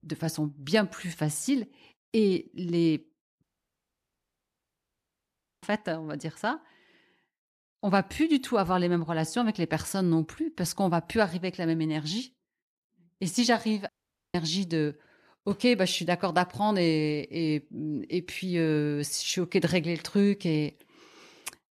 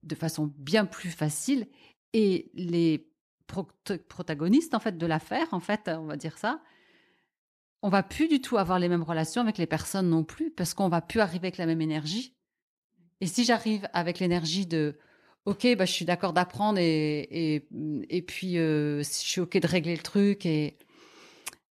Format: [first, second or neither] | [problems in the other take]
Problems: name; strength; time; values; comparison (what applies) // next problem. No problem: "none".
second | audio cutting out; at 3.5 s for 2 s and at 14 s